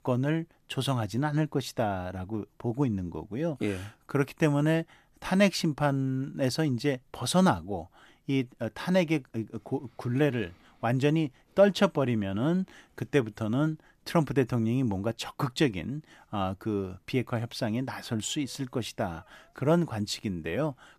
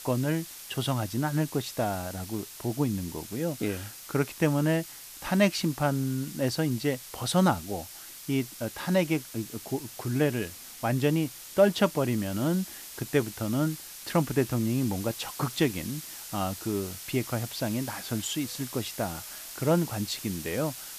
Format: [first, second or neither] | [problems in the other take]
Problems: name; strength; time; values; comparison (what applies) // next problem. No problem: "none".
first | hiss; noticeable; throughout; 10 dB below the speech